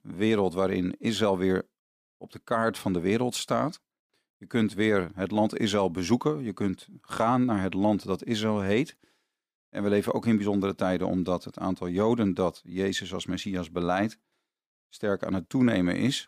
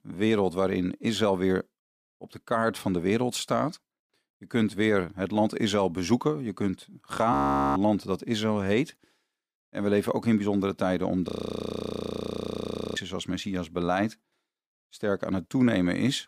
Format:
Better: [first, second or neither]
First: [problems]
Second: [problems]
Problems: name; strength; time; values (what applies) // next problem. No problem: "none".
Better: first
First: none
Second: audio freezing; at 7.5 s and at 11 s for 1.5 s